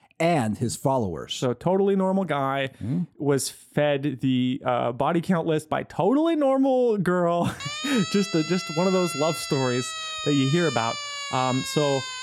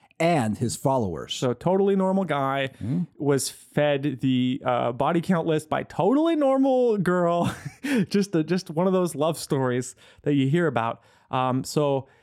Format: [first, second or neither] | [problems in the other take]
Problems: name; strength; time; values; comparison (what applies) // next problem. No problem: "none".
second | siren; noticeable; from 7.5 s on; peak 5 dB below the speech